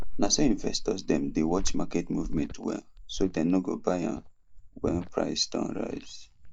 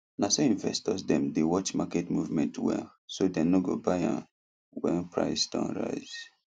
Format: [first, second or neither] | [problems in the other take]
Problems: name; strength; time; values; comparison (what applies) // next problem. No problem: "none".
second | noise reduction (neural mask model DeepFilterNet 3)